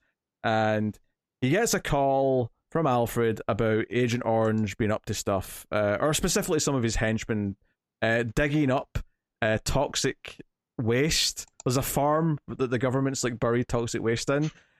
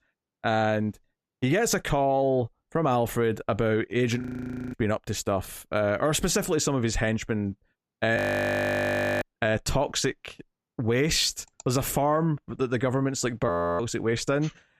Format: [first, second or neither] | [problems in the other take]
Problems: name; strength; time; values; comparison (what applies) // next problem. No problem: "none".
first | audio freezing; at 4 s for 0.5 s, at 8 s for 1 s and at 13 s